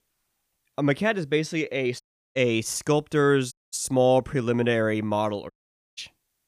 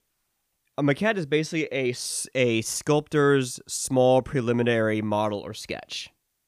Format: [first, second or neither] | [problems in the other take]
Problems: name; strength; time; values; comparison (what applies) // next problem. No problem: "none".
second | audio cutting out; at 2 s, at 3.5 s and at 5.5 s